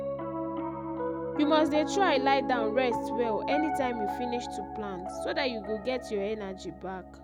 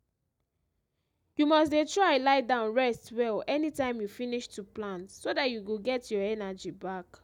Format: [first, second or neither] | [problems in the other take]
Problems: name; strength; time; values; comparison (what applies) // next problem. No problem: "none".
second | background sound (Piano); 3 dB below the speech